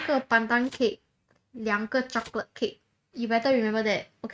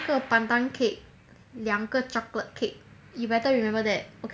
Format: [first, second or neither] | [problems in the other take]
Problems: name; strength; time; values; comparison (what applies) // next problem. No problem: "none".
second | noise reduction (neural mask model RNNoise)